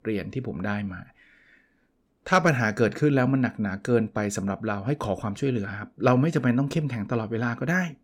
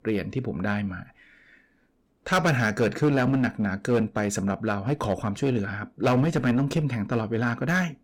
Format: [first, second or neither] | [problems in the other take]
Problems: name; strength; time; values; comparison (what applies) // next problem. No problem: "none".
first | distortion; slight; 7% of the sound clipped